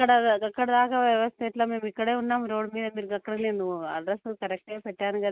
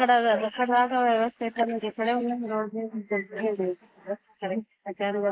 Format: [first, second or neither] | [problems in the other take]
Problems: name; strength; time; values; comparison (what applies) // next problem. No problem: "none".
first | noise reduction (neural mask model Resemble Enhance denoiser)